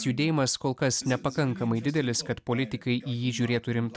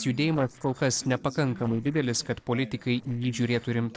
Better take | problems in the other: first | noise reduction (neural separator model SepFormer DNS4)

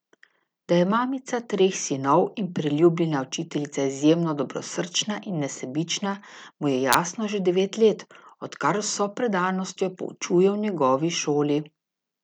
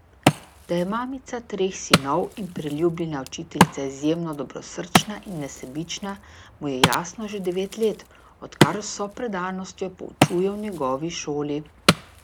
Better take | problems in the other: first | background sound (Wood); 1 dB above the speech

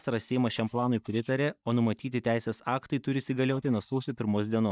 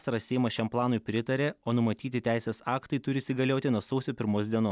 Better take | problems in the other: second | noise reduction (neural mask model DeepFilterNet 3)

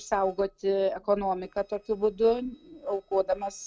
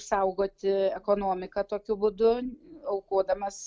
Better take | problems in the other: second | noise reduction (neural separator model SepFormer DNS4)

